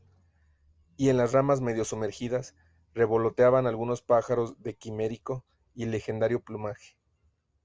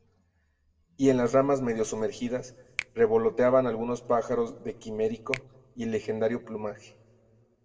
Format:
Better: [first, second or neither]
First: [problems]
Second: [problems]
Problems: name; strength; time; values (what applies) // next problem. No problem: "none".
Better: first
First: none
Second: background sound (Finger snapping); 17 dB below the speech // room echo; dies away in 1 s